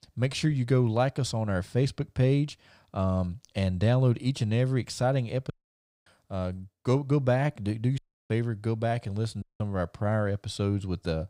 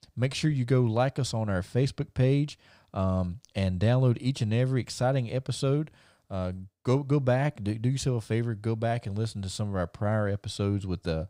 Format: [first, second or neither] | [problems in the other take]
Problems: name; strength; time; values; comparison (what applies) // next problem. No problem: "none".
second | audio cutting out; at 5.5 s for 0.5 s, at 8 s and at 9.5 s